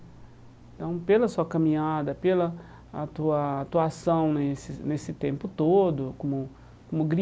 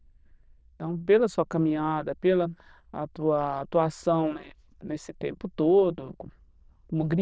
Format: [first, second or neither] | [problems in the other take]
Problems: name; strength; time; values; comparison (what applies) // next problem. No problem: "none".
first | noise reduction (neural diffusion model UNIVERSE++)